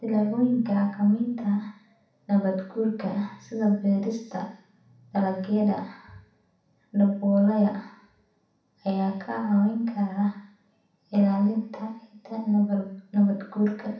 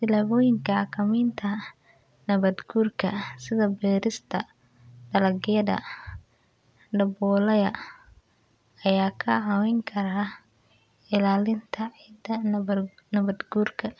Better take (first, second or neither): second